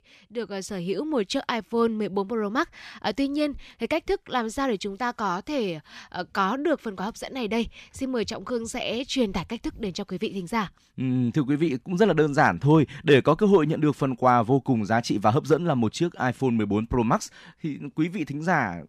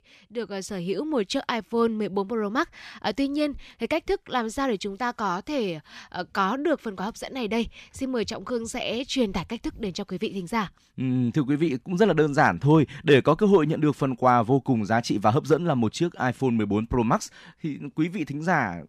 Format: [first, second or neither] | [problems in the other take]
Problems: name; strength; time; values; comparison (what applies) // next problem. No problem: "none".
neither | none